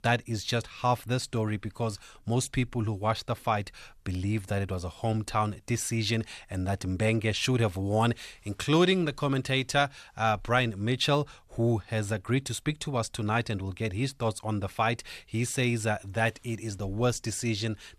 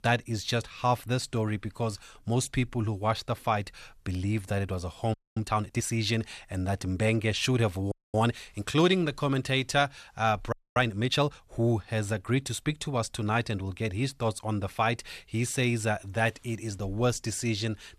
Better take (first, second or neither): first